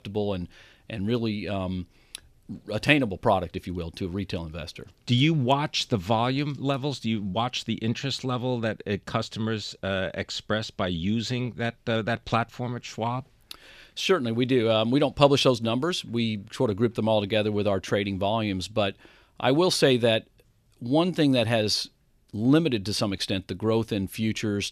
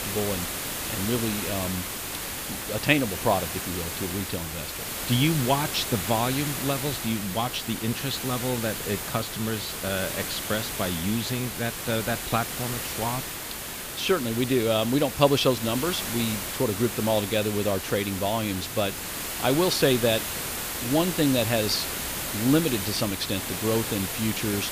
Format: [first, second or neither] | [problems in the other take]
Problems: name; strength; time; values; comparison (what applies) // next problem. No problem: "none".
first | hiss; loud; throughout; 4 dB below the speech